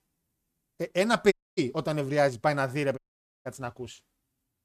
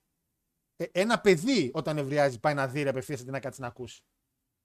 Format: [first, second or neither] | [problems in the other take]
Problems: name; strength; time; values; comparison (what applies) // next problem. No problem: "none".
second | audio cutting out; at 1.5 s and at 3 s